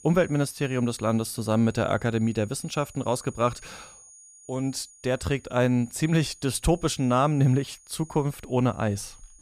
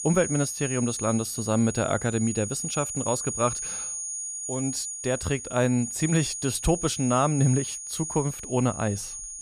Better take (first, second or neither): first